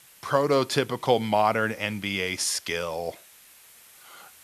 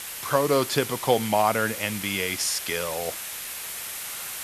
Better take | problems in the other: first | hiss; loud; throughout; 7 dB below the speech; faint in the first

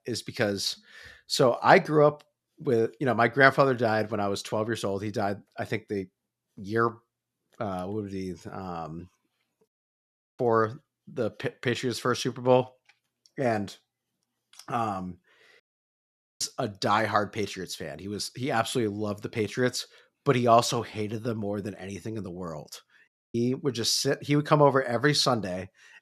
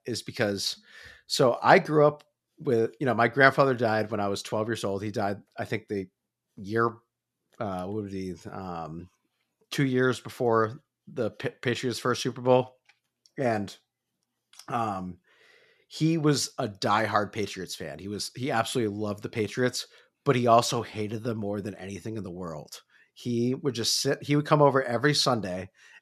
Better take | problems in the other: second | audio cutting out; at 9.5 s for 0.5 s, at 16 s for 1 s and at 23 s

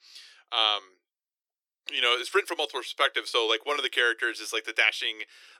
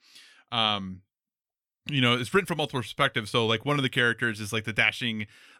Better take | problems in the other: second | thin; very; fading below 350 Hz

